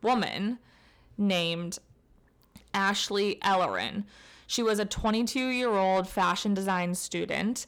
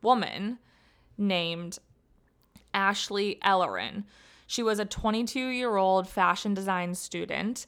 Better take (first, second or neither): second